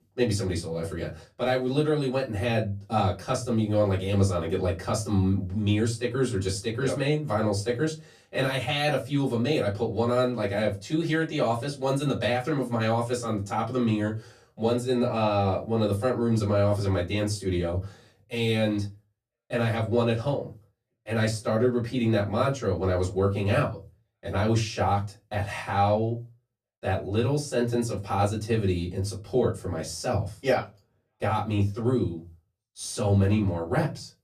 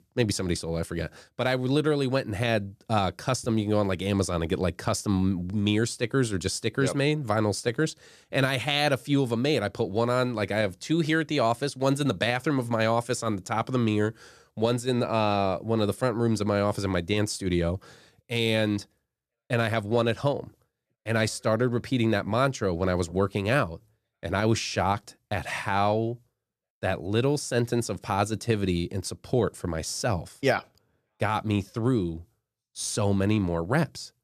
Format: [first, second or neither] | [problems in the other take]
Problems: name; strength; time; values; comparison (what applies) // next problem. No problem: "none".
second | off-mic speech; far // room echo; very slight; dies away in 0.2 s